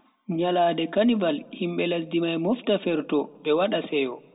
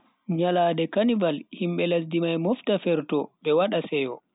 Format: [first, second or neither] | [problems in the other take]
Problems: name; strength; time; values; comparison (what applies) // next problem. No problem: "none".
second | room echo; dies away in 0.3 s